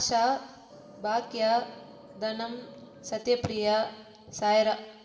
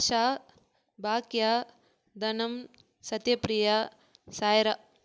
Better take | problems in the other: second | background sound (Vehicle); 20 dB below the speech // room echo; dies away in 2.3 s

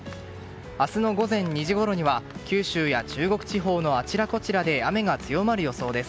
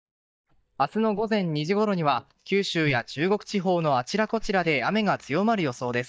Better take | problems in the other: first | noise reduction (neural mask model DeepFilterNet 3)

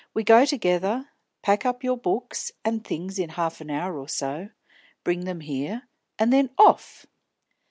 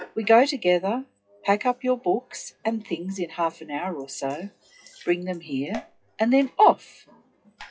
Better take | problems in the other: first | noise reduction (classical method WPE with log-MMSE)

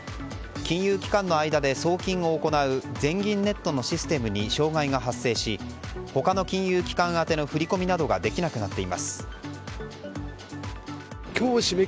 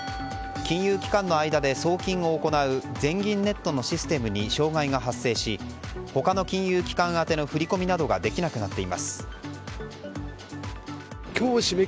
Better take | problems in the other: first | background sound (Musical instrument); 18 dB below the speech

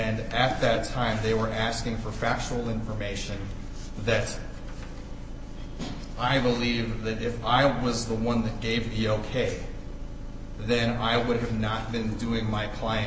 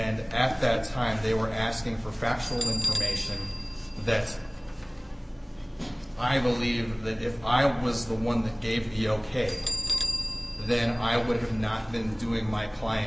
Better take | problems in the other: first | background sound (Bell); 9 dB below the speech

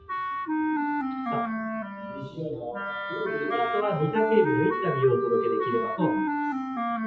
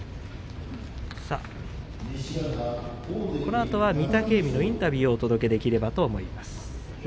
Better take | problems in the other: second | noise reduction (classical method WPE with log-MMSE)

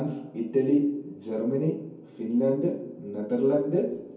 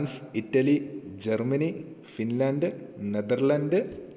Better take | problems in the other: second | room echo; dies away in 0.6 s

